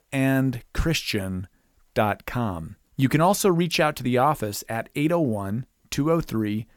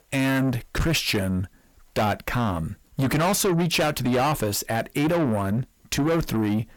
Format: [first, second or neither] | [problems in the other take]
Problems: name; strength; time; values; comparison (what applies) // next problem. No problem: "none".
first | distortion; heavy; 6 dB below the speech